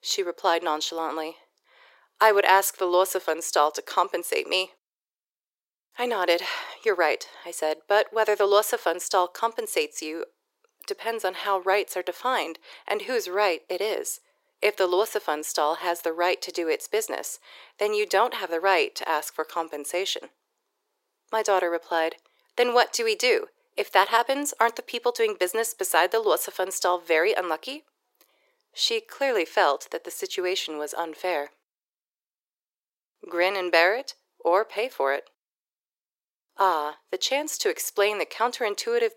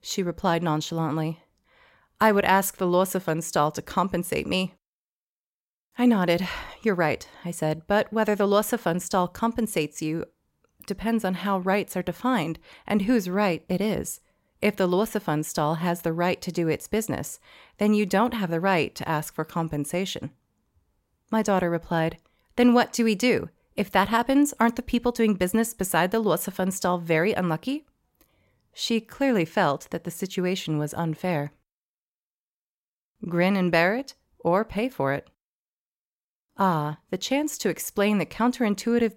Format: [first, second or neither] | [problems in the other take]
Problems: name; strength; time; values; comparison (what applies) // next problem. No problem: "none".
second | thin; very; fading below 350 Hz